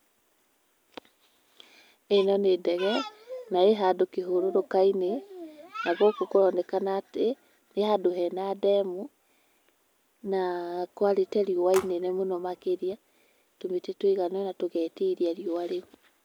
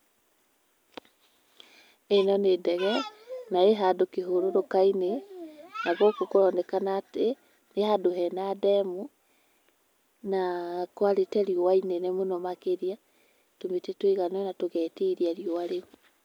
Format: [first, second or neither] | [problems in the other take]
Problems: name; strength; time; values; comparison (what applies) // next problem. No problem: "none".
second | background sound (Telephone); 17 dB below the speech